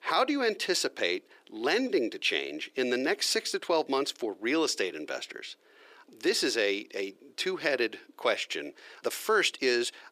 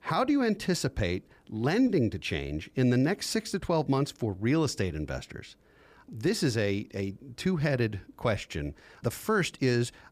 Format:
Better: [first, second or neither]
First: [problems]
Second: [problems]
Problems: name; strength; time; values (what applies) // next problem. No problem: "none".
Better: second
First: thin; somewhat; fading below 350 Hz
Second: none